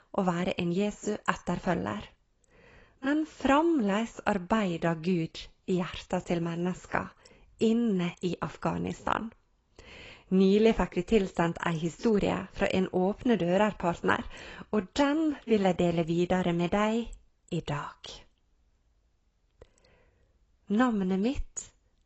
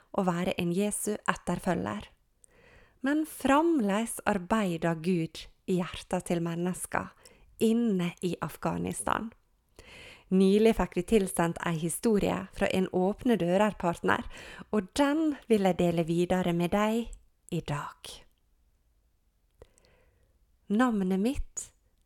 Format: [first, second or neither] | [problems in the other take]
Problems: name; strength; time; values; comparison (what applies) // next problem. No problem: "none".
second | garbled, watery; badly; nothing above 7.5 kHz